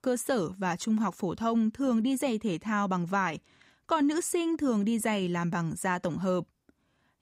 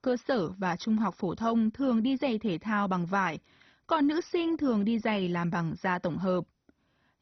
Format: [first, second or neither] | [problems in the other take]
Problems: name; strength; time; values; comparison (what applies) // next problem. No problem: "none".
first | garbled, watery; badly; nothing above 6 kHz